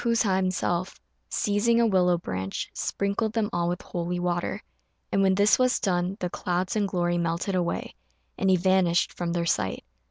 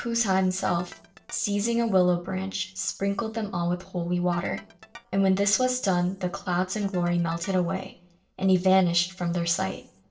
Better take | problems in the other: first | noise reduction (neural separator model SepFormer DNS4)

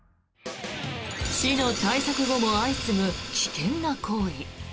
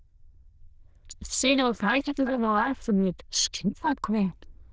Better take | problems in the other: first | noise reduction (neural diffusion model UNIVERSE++)

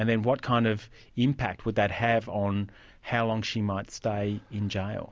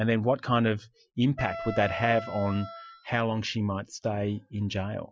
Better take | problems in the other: first | noise reduction (classical method Wiener filter)

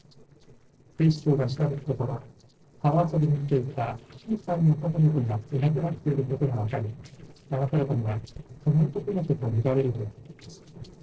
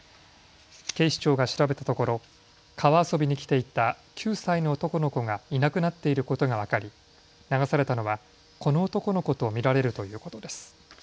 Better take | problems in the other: second | noise reduction (neural separator model SepFormer DNS4)

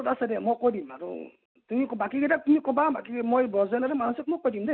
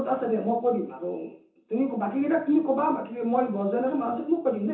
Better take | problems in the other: first | room echo; dies away in 0.7 s

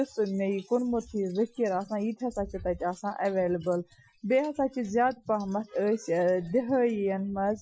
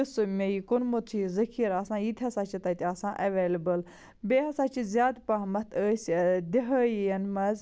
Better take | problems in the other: second | noise reduction (classical method Wiener filter)

